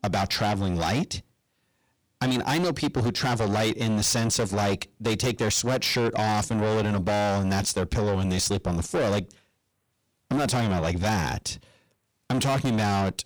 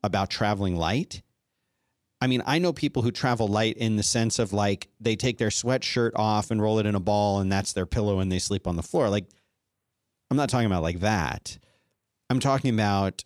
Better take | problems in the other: second | distortion; heavy; 5 dB below the speech

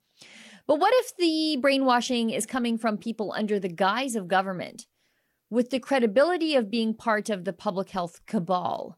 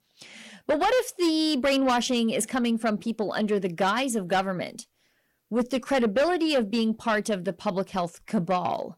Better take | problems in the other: first | distortion; slight; 10 dB below the speech

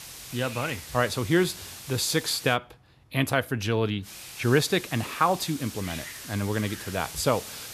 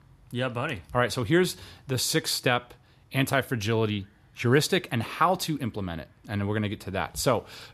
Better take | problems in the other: second | hiss; noticeable; until 2.5 s and from 4 s on; 10 dB below the speech

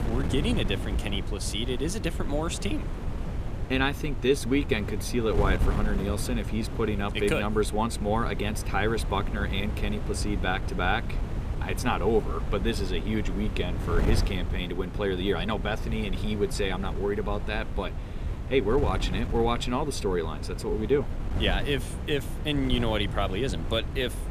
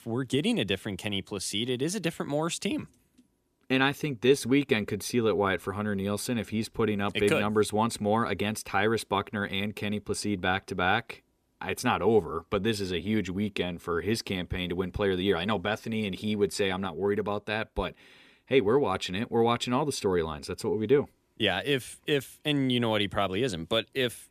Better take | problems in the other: second | wind noise on the microphone; occasional gusts; 10 dB below the speech

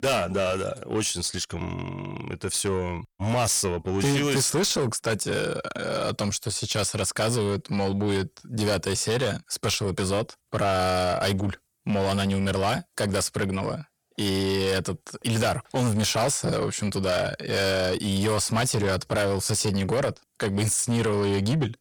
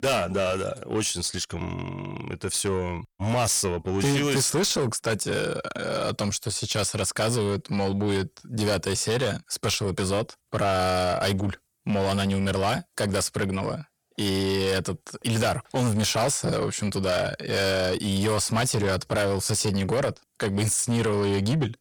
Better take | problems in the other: neither | distortion; heavy; 8 dB below the speech; the same in both

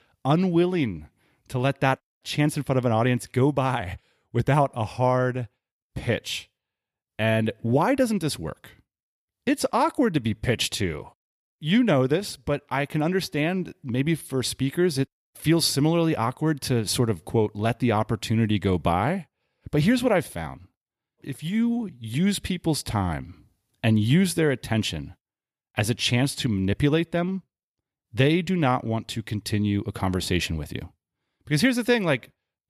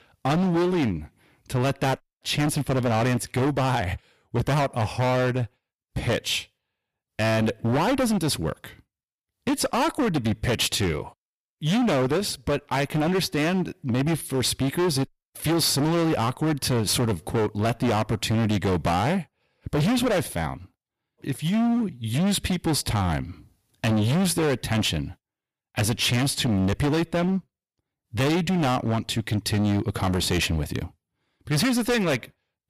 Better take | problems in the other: first | distortion; heavy; 21% of the sound clipped

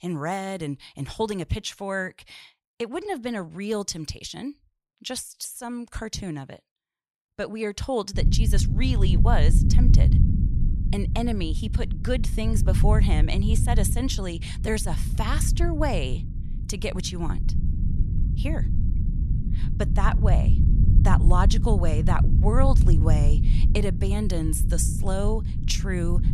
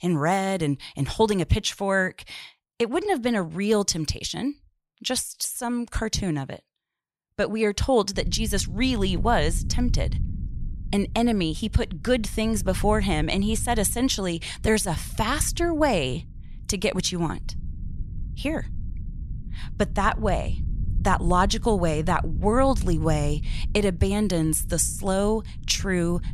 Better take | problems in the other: second | low rumble; loud; from 8 s on; 8 dB below the speech; faint in the second

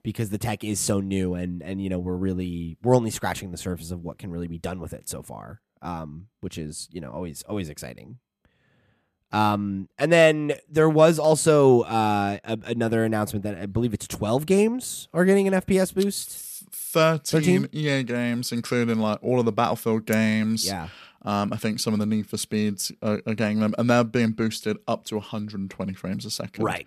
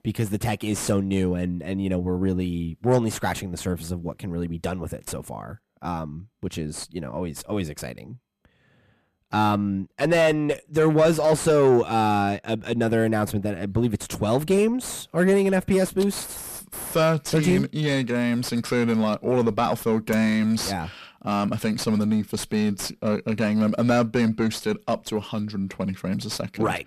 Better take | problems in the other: first | distortion; slight; 9 dB below the speech

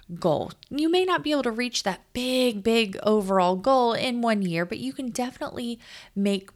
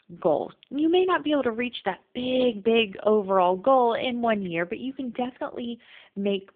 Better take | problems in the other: first | phone-call audio; poor line; nothing above 3.5 kHz

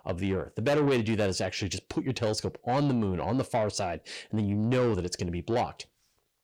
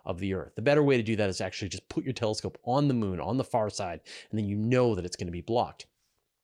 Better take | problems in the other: second | distortion; slight; 10 dB below the speech

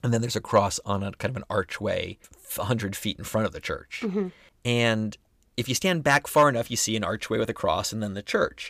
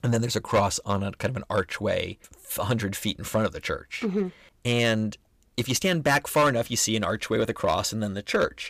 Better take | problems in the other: first | distortion; slight; 3% of the sound clipped

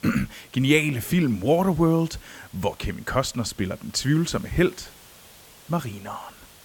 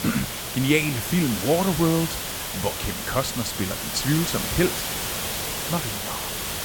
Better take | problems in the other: first | hiss; loud; throughout; 2 dB below the speech; faint in the first

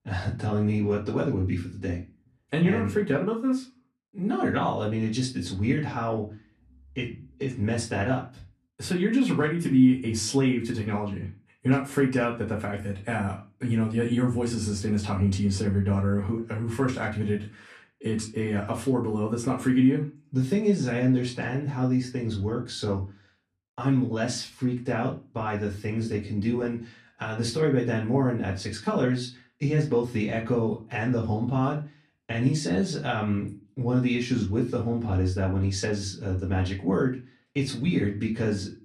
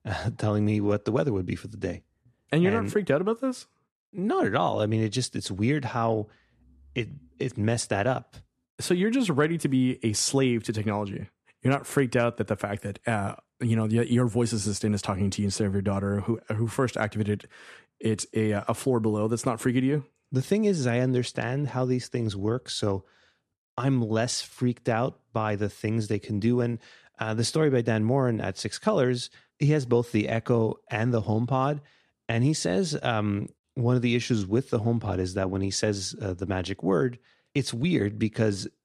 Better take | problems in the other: second | off-mic speech; far // room echo; very slight; dies away in 0.3 s

